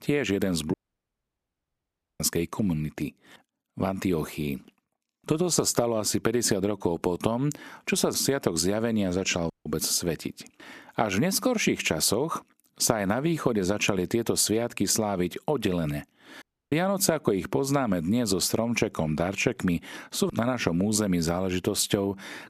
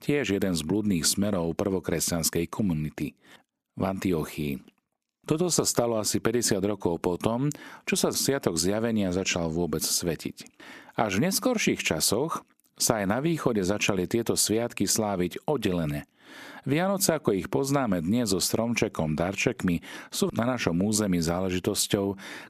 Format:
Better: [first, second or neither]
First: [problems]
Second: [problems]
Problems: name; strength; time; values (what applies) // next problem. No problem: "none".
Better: second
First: audio cutting out; at 0.5 s for 1.5 s, at 9.5 s and at 16 s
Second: none